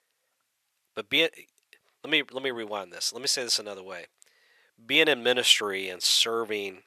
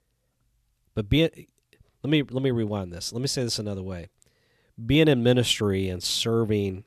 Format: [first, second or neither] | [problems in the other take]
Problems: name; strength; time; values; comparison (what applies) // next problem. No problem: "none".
second | thin; very; fading below 650 Hz